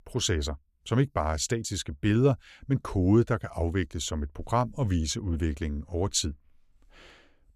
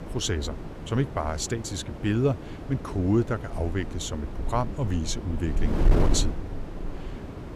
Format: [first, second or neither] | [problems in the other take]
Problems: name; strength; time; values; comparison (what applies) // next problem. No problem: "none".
first | wind noise on the microphone; heavy; 8 dB below the speech